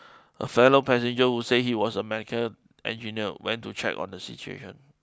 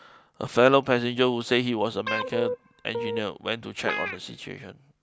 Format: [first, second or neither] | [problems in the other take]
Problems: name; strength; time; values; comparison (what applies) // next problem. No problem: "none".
first | background sound (Guitar); 6 dB below the speech